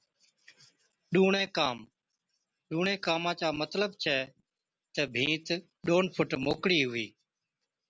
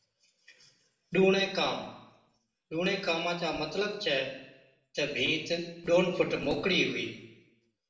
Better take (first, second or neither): first